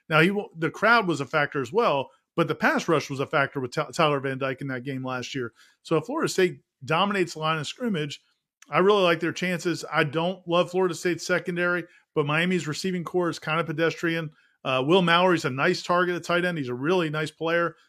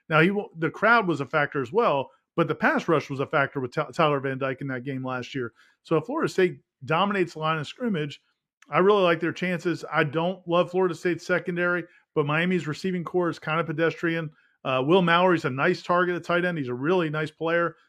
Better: first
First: none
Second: muffled; slightly; fading above 3.5 kHz

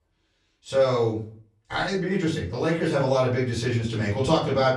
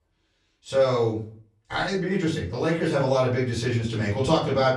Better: neither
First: off-mic speech; far // room echo; slight; dies away in 0.3 s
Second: off-mic speech; far // room echo; slight; dies away in 0.3 s

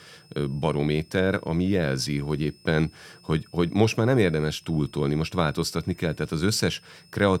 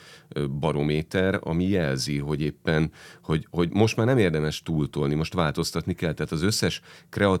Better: second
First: high-pitched whine; faint; throughout; 5 kHz, 30 dB below the speech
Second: none

